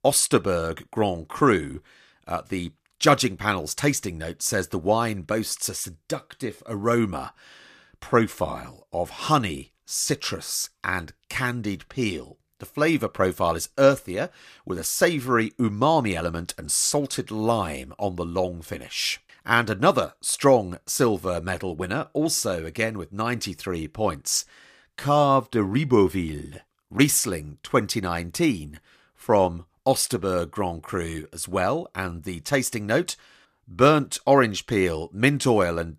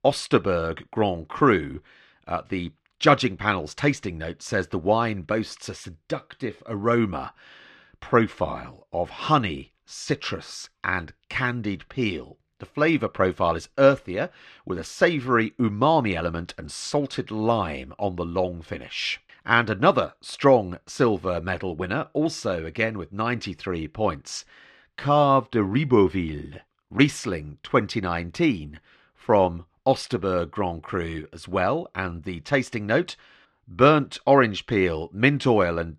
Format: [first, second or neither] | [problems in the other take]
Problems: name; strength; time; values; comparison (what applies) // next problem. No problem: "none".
first | muffled; slightly; fading above 3 kHz